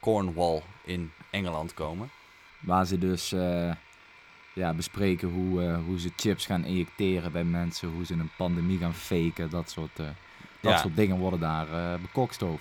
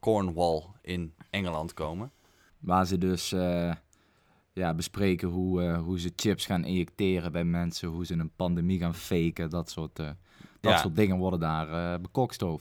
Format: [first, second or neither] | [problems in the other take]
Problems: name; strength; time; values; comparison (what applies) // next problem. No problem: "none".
second | machinery noise; faint; throughout; 20 dB below the speech